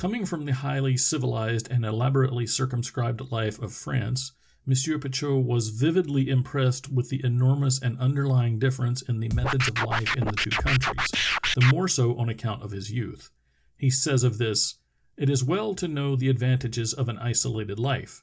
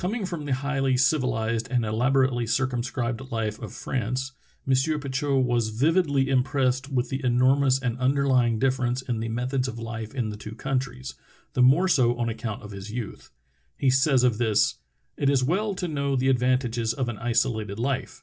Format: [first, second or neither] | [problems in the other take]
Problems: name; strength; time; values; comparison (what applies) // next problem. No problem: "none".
second | background sound (Scratching (performance technique)); 1 dB below the speech